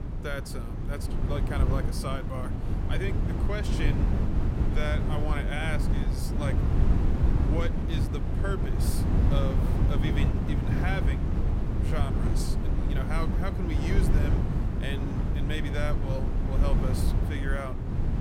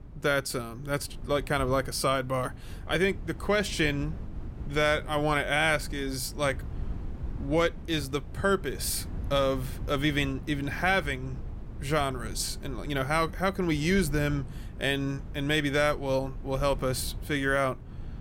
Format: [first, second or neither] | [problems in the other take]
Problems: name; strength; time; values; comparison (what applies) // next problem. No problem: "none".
second | wind noise on the microphone; heavy; 1 dB below the speech; occasional gusts in the second